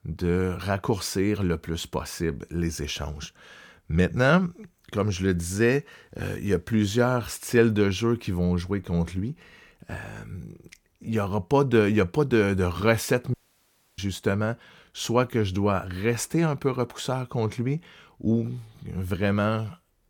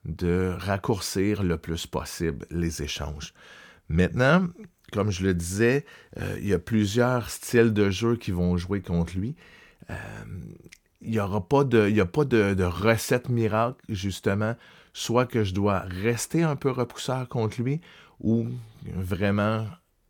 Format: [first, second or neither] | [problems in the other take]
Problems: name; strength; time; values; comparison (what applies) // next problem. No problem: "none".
second | audio cutting out; at 13 s for 0.5 s